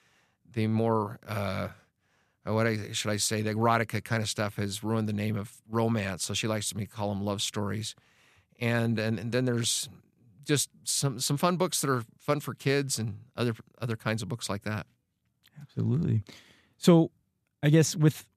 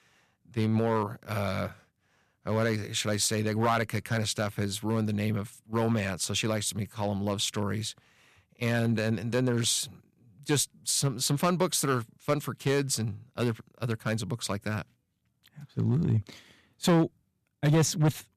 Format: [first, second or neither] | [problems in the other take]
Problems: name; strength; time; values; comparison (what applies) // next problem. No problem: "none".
first | distortion; slight; 2% of the sound clipped